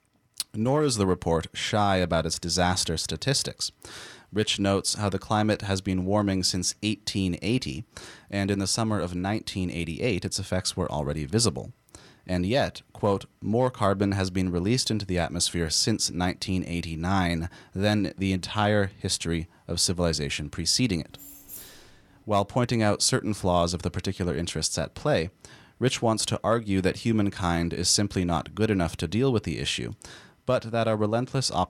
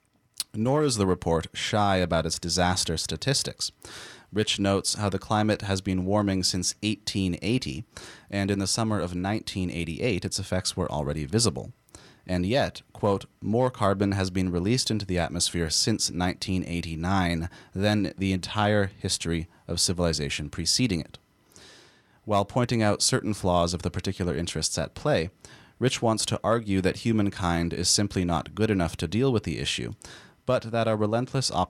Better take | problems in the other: second | jangling keys; faint; from 21 to 22 s; peak 15 dB below the speech

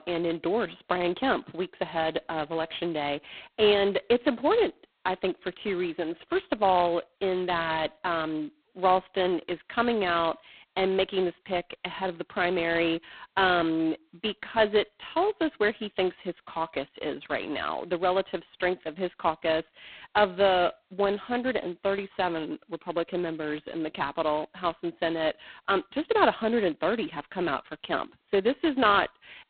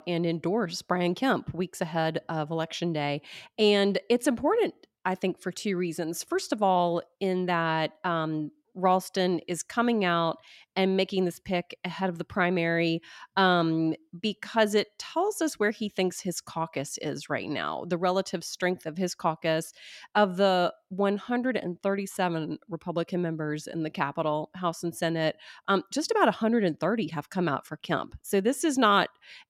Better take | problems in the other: second | phone-call audio; poor line; nothing above 4 kHz

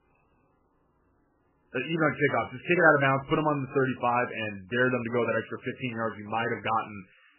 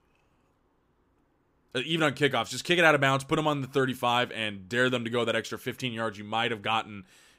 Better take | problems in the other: second | garbled, watery; badly; nothing above 3 kHz

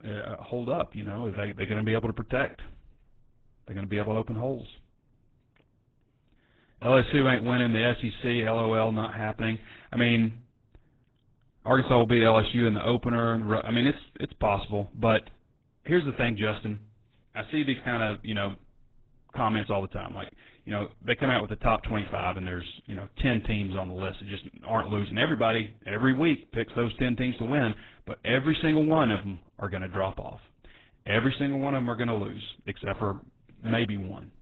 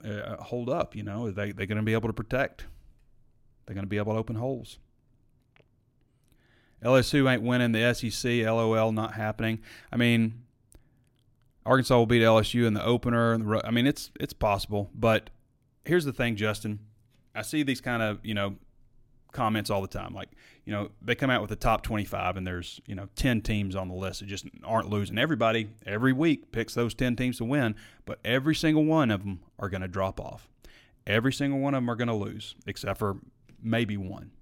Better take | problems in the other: second | garbled, watery; badly; nothing above 4 kHz

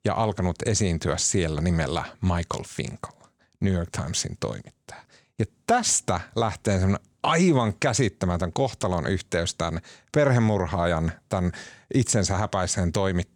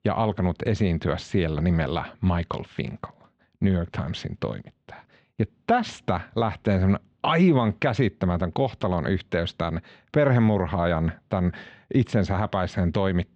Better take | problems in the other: first | muffled; very; fading above 3.5 kHz

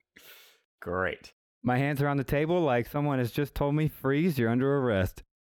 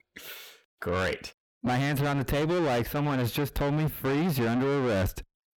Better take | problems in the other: first | distortion; heavy; 6 dB below the speech

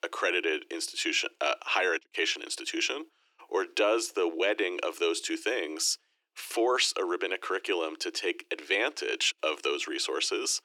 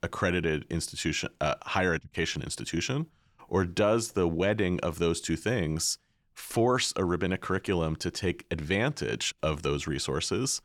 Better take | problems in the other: second | thin; very; fading below 300 Hz

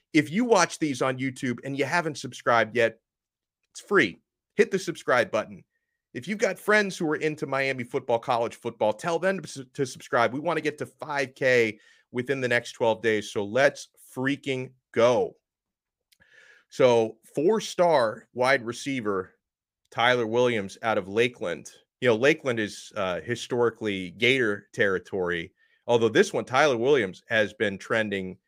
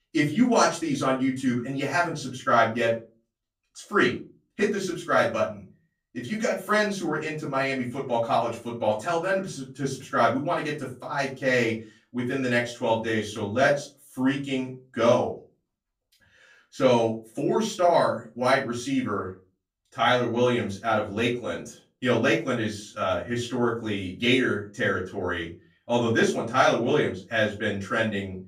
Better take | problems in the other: first | off-mic speech; far // room echo; slight; dies away in 0.3 s

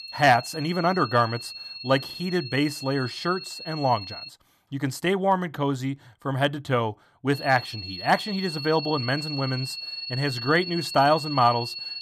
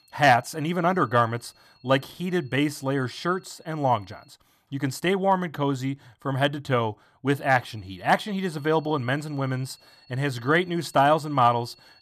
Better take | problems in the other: second | high-pitched whine; loud; until 4.5 s and from 7.5 s on; 4.5 kHz, 9 dB below the speech; faint in the second

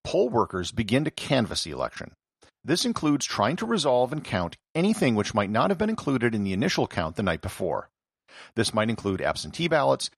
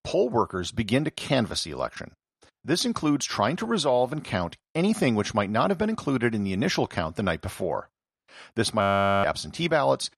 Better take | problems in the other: first | audio freezing; at 9 s

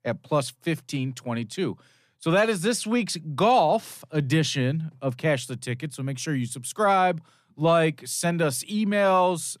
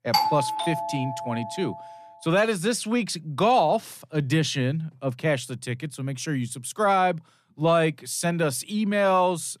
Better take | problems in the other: first | doorbell; loud; until 1.5 s; peak 2 dB above the speech

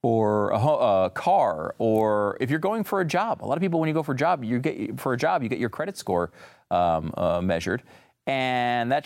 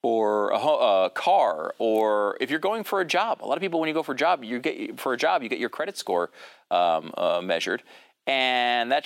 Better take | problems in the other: first | thin; somewhat; fading below 300 Hz

